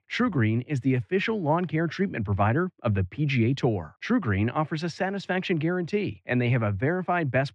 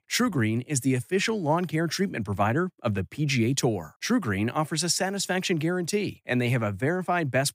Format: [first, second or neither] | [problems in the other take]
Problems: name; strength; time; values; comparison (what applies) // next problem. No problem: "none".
second | muffled; very; fading above 3 kHz